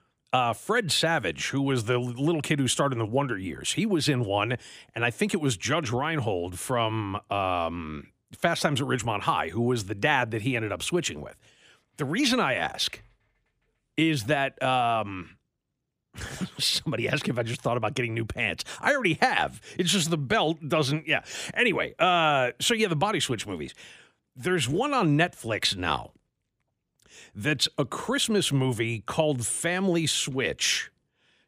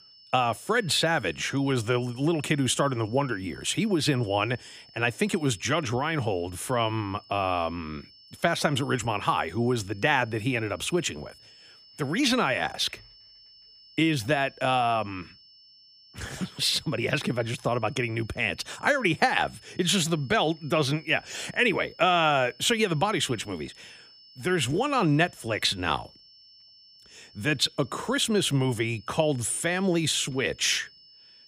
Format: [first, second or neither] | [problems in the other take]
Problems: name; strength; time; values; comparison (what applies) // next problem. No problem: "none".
first | high-pitched whine; faint; throughout; 5.5 kHz, 25 dB below the speech